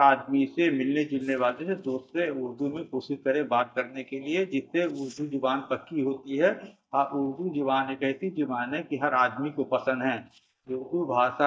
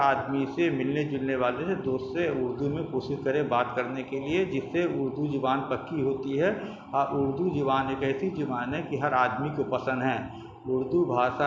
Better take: second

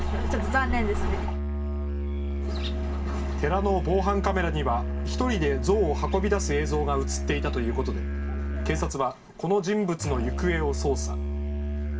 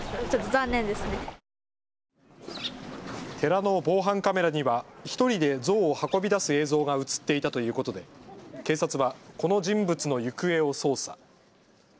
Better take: second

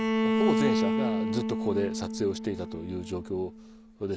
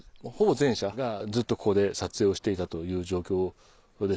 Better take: second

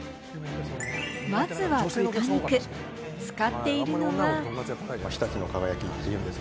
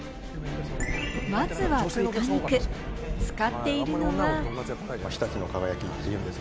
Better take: first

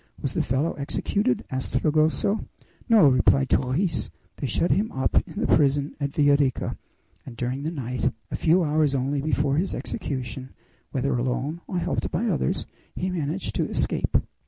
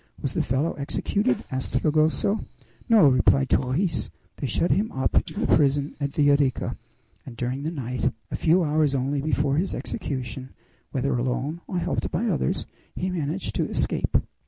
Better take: first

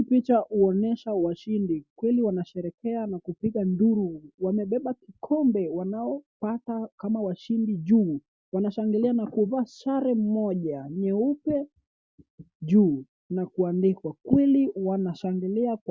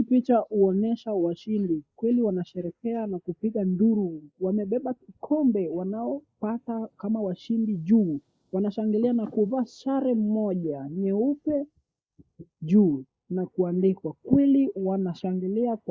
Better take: first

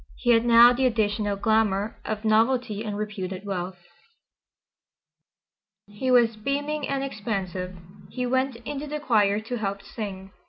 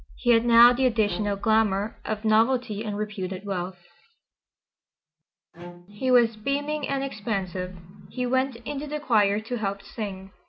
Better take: first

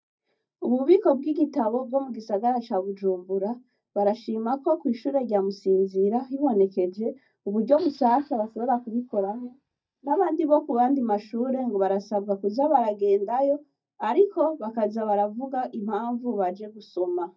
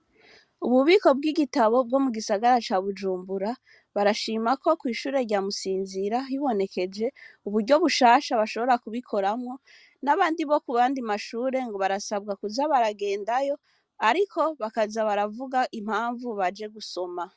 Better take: second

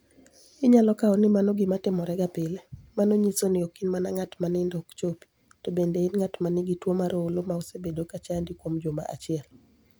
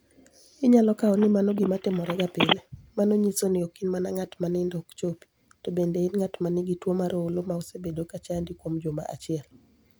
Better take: first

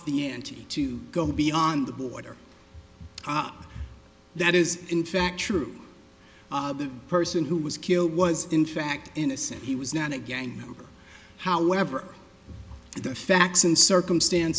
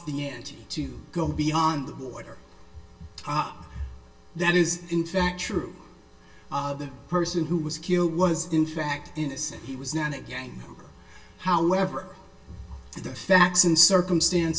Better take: first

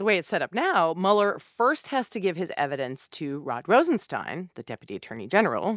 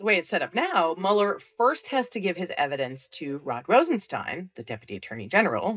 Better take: first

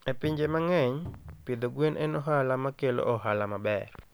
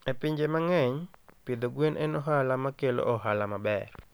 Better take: second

